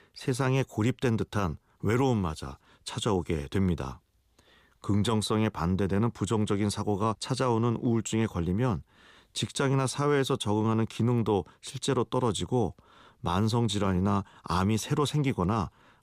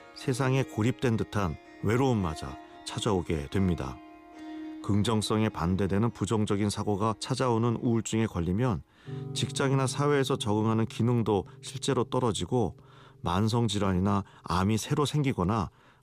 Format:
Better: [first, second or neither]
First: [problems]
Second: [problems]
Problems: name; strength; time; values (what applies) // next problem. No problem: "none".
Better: first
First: none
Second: background music; noticeable; throughout; 15 dB below the speech